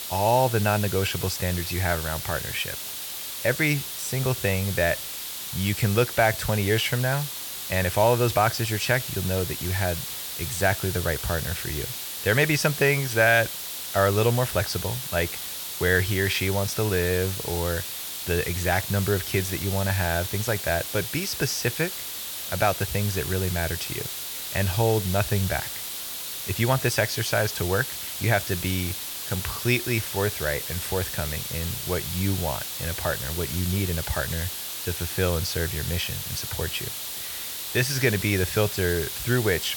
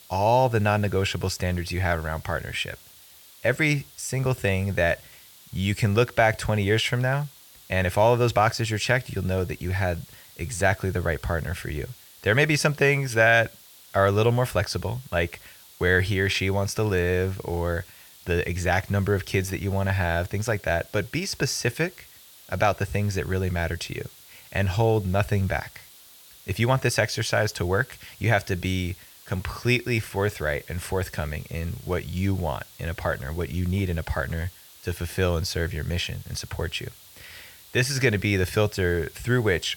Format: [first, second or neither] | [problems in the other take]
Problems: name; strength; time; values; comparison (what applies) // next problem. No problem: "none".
second | hiss; loud; throughout; 5 dB below the speech; faint in the second